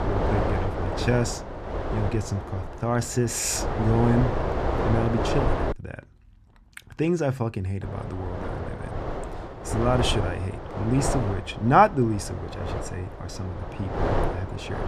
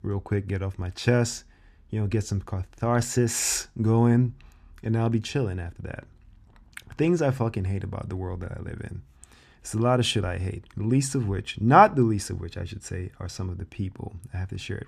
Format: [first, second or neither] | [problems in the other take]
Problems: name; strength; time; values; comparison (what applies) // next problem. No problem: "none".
second | wind noise on the microphone; heavy; until 5.5 s and from 8 s on; 5 dB below the speech